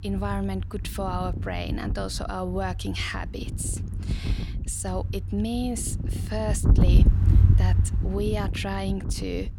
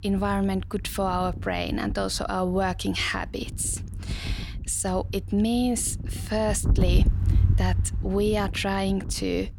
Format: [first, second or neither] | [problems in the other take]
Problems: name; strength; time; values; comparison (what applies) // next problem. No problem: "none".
second | wind noise on the microphone; heavy; 7 dB below the speech; occasional gusts in the second